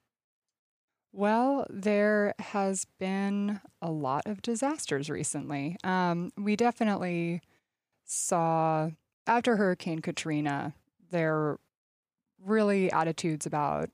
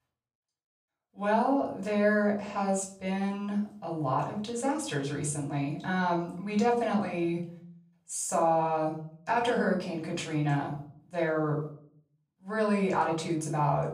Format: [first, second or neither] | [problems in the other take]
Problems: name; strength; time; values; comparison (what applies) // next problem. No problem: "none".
first | off-mic speech; far // room echo; slight; dies away in 0.5 s